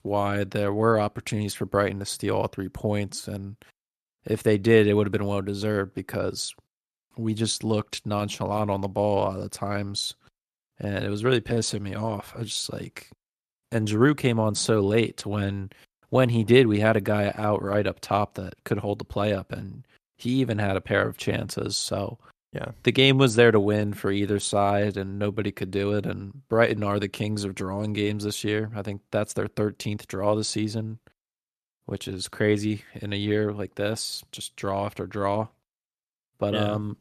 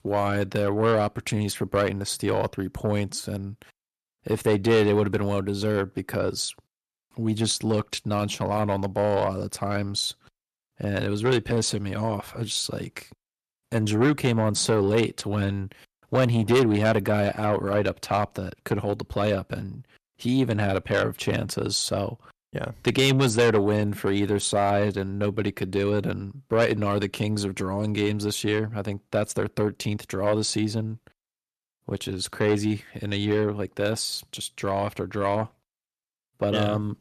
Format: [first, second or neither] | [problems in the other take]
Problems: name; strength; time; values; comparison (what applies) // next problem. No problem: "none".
first | distortion; slight; 10 dB below the speech